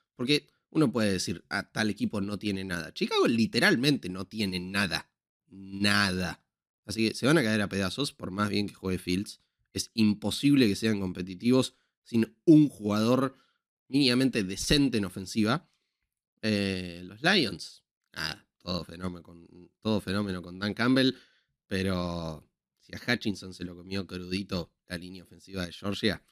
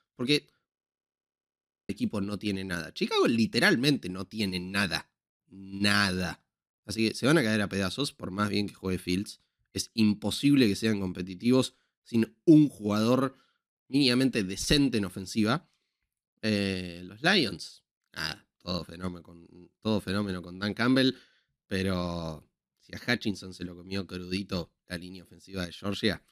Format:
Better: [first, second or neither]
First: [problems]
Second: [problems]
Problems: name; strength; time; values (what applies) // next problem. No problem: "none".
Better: first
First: none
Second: audio freezing; at 0.5 s for 1 s